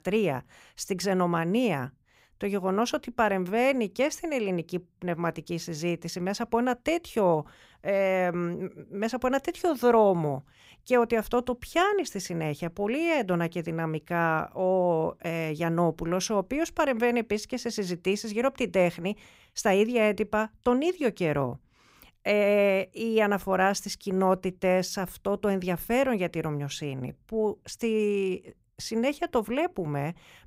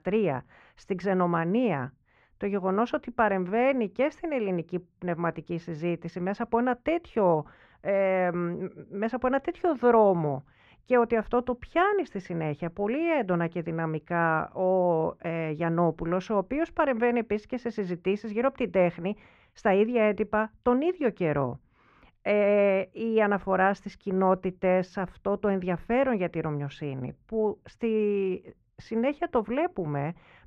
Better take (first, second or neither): first